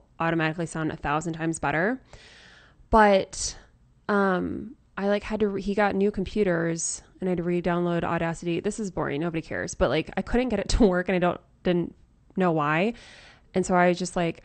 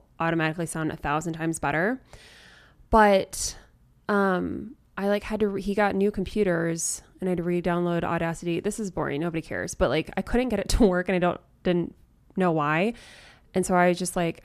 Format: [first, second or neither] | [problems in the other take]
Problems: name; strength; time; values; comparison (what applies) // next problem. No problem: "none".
second | garbled, watery; slightly; nothing above 8.5 kHz